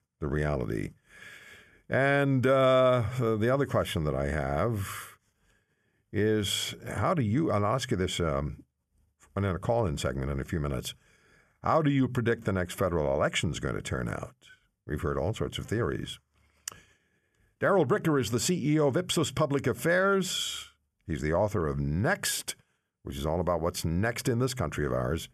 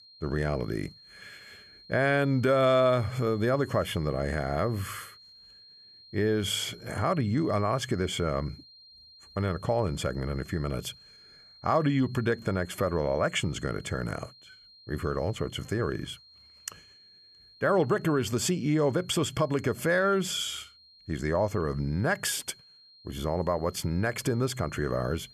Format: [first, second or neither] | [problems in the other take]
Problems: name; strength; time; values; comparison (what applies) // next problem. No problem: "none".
first | high-pitched whine; faint; throughout; 4 kHz, 25 dB below the speech